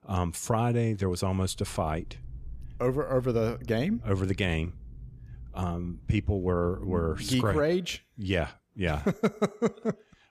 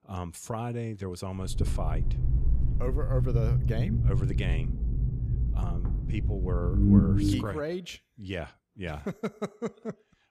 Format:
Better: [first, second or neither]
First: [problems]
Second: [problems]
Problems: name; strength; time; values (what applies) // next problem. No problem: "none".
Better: first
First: low rumble; faint; from 1.5 to 7.5 s; 25 dB below the speech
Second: low rumble; loud; from 1.5 to 7.5 s; 1 dB below the speech